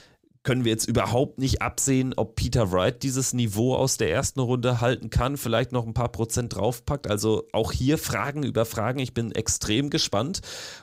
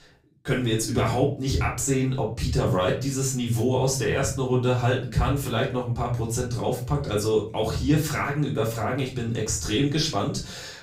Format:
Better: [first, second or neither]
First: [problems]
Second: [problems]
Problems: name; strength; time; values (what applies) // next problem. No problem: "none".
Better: first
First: none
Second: off-mic speech; far // room echo; slight; dies away in 0.3 s